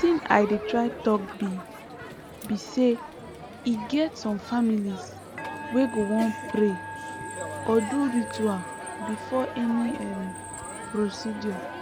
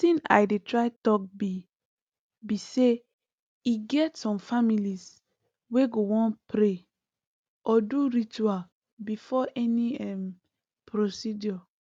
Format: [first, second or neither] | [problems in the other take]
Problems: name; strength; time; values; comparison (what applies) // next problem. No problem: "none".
second | background sound (Musical instrument + Crowd); 9 dB below the speech